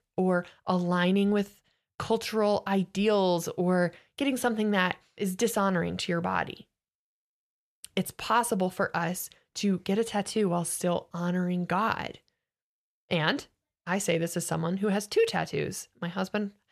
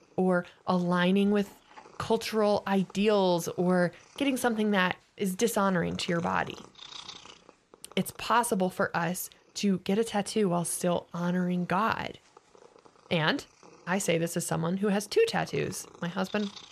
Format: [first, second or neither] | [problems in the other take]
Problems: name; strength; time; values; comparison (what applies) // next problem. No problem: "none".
first | animal sounds; faint; throughout; 25 dB below the speech